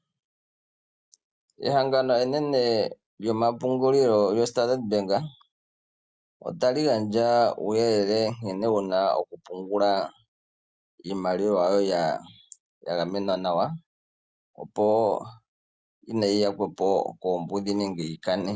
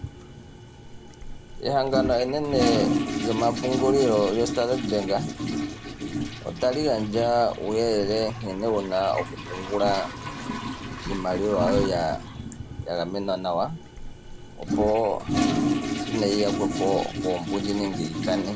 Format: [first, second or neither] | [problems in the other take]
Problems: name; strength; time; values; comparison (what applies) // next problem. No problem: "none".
first | background sound (Toilet flush); 4 dB below the speech